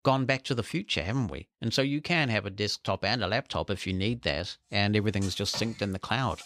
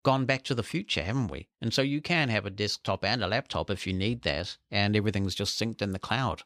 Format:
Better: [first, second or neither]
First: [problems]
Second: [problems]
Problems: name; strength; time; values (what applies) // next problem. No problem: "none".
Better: second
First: animal sounds; noticeable; from 5 s on; 15 dB below the speech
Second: none